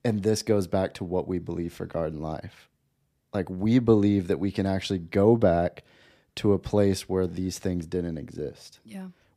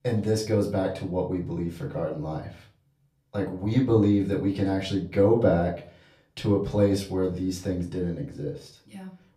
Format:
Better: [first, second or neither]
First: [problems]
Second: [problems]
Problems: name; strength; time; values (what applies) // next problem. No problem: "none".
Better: first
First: none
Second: off-mic speech; far // room echo; slight; dies away in 0.3 s